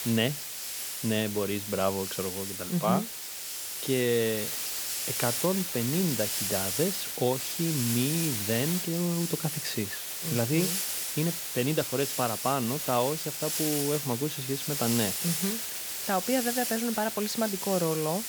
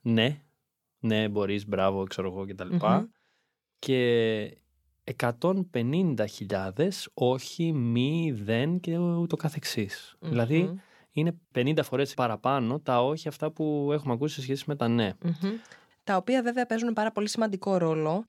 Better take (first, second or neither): second